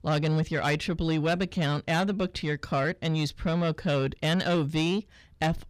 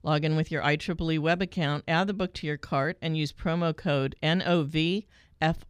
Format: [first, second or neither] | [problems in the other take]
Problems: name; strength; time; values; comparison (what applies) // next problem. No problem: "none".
second | distortion; slight; 10 dB below the speech